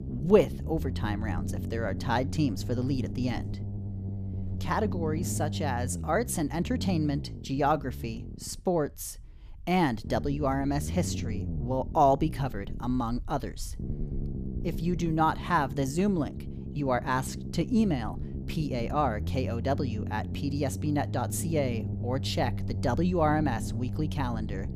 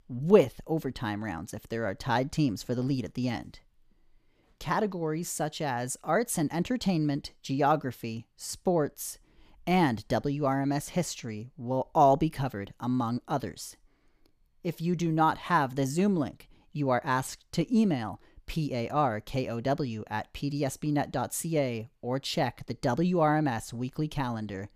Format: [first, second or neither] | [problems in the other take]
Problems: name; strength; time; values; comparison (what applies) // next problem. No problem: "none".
second | low rumble; noticeable; throughout; 15 dB below the speech